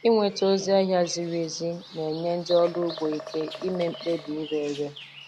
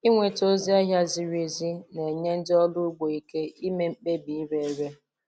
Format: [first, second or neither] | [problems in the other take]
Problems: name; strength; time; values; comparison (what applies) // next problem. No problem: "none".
second | background sound (Bird vocalization, bird call, bird song); 16 dB below the speech